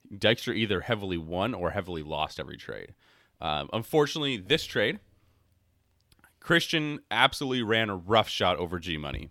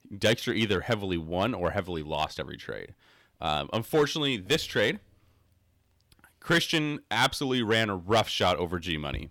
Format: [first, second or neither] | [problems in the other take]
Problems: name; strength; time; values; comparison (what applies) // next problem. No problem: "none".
first | distortion; slight; 1.9% of the sound clipped